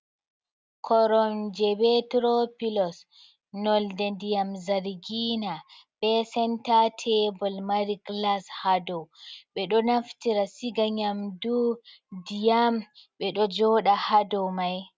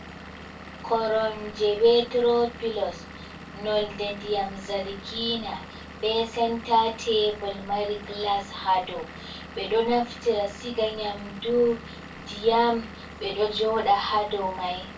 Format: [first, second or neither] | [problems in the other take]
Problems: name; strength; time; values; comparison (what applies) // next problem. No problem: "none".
first | background sound (Engine / Vehicle); 15 dB below the speech // room echo; dies away in 0.2 s